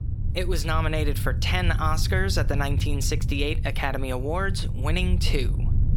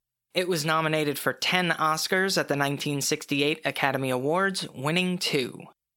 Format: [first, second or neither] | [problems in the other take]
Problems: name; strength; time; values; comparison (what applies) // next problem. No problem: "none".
second | low rumble; noticeable; throughout; 15 dB below the speech